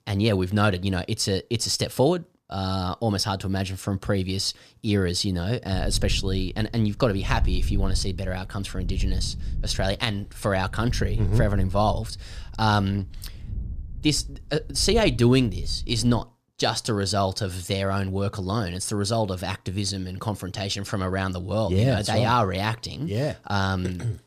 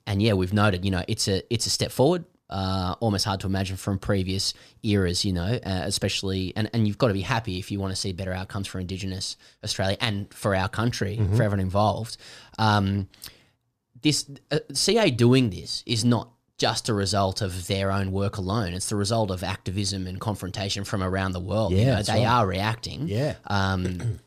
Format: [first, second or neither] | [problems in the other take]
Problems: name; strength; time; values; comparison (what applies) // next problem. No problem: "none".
second | wind noise on the microphone; occasional gusts; from 5.5 to 16 s; 25 dB below the speech